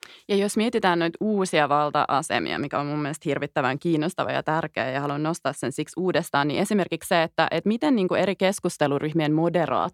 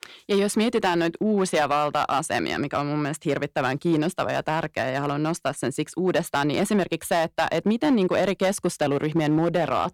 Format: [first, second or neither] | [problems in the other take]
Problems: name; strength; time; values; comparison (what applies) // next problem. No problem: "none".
first | distortion; slight; 5% of the sound clipped